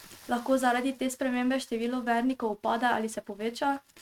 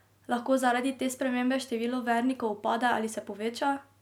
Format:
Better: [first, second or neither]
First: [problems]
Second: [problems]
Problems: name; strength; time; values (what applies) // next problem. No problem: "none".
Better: second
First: noise reduction (neural mask model RNNoise)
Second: none